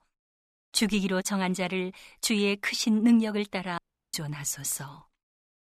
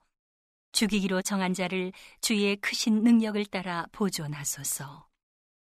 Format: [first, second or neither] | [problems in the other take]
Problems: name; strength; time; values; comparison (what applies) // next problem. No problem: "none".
second | audio cutting out; at 4 s